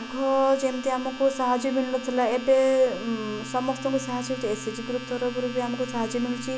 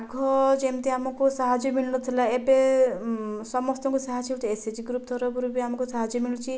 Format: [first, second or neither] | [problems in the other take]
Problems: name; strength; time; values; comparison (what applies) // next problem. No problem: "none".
second | background sound (Domestic sounds, home sounds); 12 dB below the speech